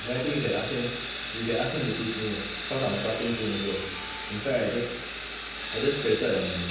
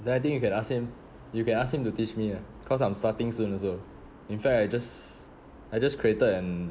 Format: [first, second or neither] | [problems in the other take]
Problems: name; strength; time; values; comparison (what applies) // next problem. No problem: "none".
second | background sound (Sawing); 5 dB below the speech // room echo; dies away in 0.9 s